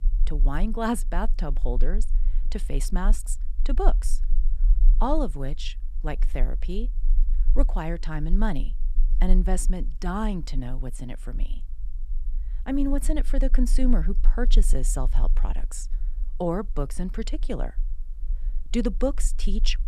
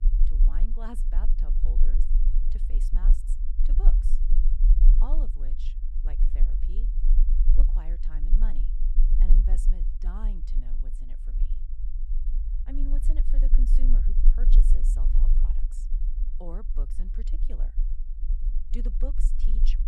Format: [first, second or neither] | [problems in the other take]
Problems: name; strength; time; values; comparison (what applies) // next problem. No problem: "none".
first | low rumble; loud; throughout; 4 dB below the speech; faint in the first